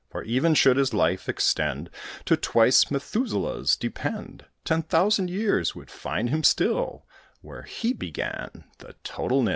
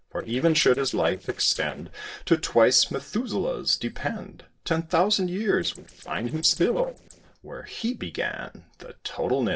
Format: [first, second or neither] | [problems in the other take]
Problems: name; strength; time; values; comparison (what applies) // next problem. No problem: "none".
first | noise reduction (neural separator model SepFormer DNS4)